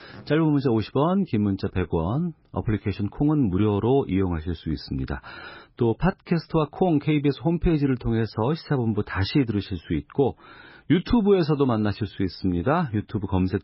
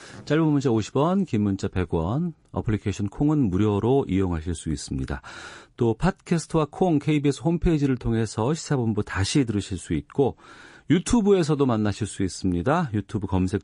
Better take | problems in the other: second | garbled, watery; badly; nothing above 5.5 kHz; slightly in the second

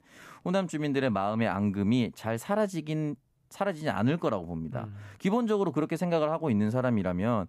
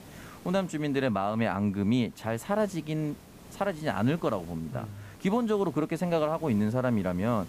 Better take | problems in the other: first | hiss; faint; throughout; 20 dB below the speech

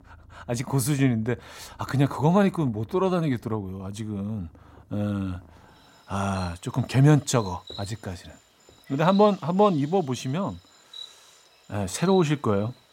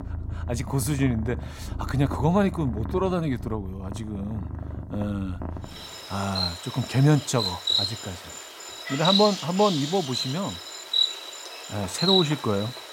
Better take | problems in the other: first | animal sounds; loud; throughout; 3 dB below the speech; faint in the first

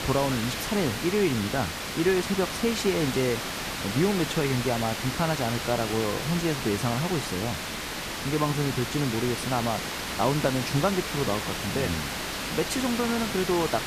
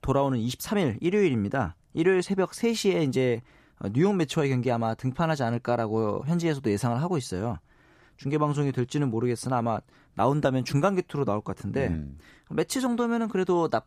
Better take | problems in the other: second | hiss; loud; throughout; 3 dB below the speech

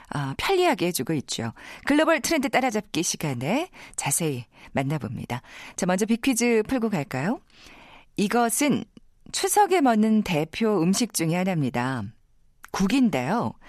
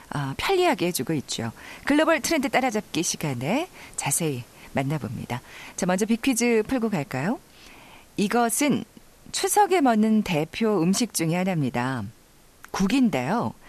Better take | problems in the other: first | hiss; faint; throughout; 25 dB below the speech

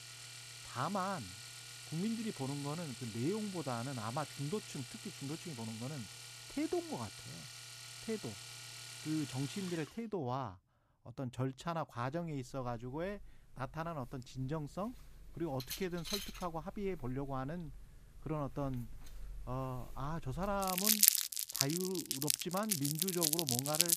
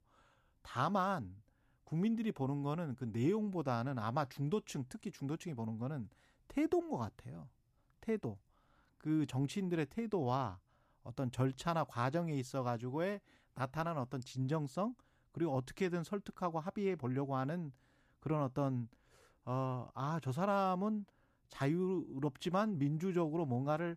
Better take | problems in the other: second | household noises; very loud; throughout; 3 dB above the speech

